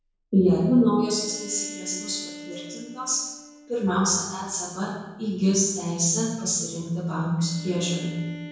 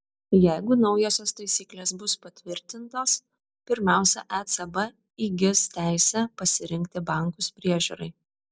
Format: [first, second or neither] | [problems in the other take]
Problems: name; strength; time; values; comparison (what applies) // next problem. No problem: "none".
second | background sound (Bowed string instrument); 19 dB below the speech // room echo; dies away in 0.9 s